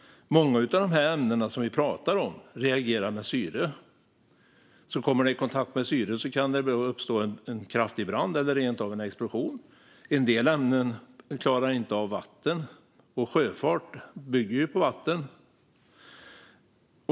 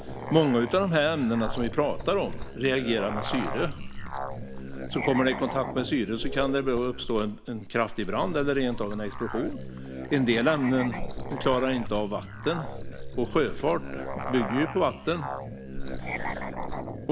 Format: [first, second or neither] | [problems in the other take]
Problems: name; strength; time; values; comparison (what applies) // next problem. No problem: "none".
first | background sound (Musical instrument + Liquid); 6 dB below the speech